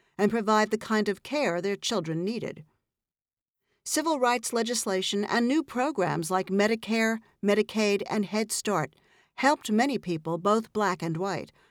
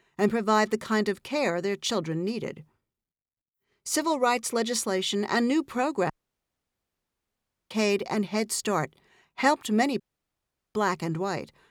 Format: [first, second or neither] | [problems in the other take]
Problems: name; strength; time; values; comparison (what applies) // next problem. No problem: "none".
first | audio cutting out; at 6 s for 1.5 s and at 10 s for 0.5 s